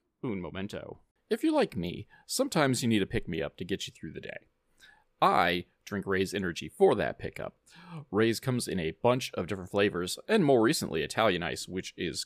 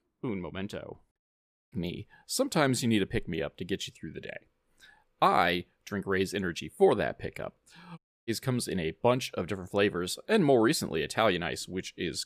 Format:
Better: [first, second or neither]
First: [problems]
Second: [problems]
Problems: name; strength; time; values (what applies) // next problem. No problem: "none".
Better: first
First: none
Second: audio cutting out; at 1 s for 0.5 s and at 8 s